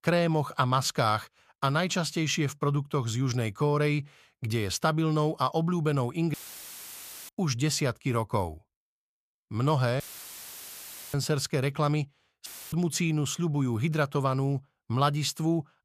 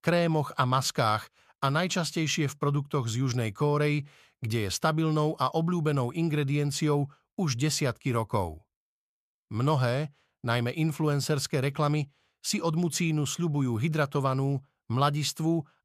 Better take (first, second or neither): second